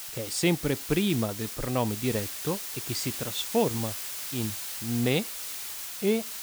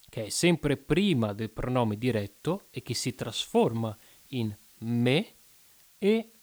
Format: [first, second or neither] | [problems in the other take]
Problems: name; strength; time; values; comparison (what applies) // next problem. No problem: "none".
second | hiss; loud; throughout; 4 dB below the speech; faint in the second